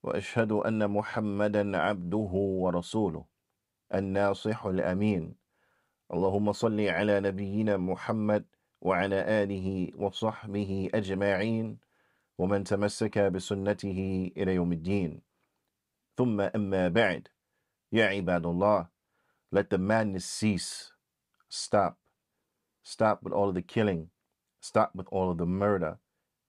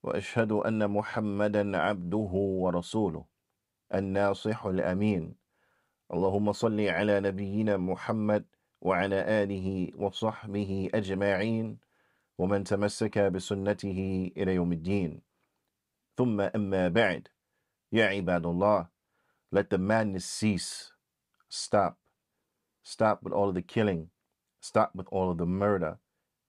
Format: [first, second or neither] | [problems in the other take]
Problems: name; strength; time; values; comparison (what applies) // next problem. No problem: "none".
neither | none